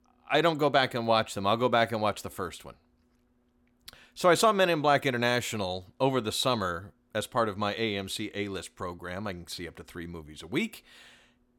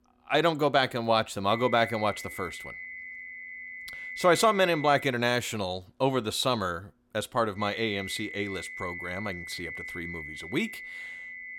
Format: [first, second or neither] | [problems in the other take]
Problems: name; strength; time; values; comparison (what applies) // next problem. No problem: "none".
first | high-pitched whine; noticeable; from 1.5 to 5 s and from 7.5 s on; 2 kHz, 10 dB below the speech